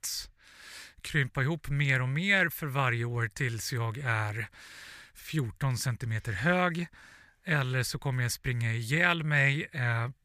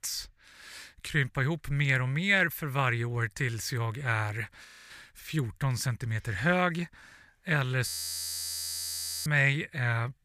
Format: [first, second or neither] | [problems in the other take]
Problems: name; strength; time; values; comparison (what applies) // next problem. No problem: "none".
first | audio freezing; at 4.5 s and at 8 s for 1.5 s